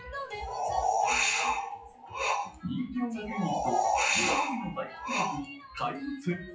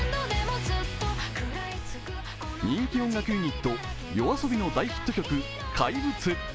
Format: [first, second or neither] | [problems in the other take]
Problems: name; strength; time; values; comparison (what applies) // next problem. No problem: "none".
second | noise reduction (classical method WPE with log-MMSE)